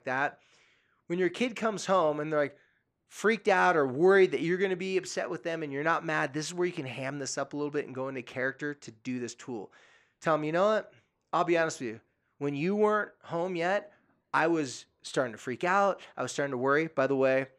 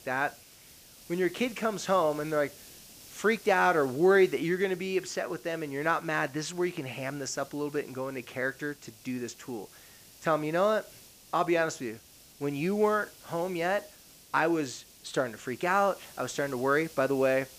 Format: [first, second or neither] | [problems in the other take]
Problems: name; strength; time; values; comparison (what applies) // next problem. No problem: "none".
first | hiss; faint; throughout; 20 dB below the speech